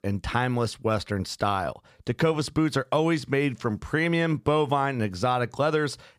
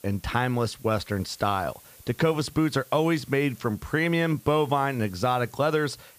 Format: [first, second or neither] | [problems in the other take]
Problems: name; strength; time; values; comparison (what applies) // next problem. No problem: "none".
first | hiss; faint; throughout; 25 dB below the speech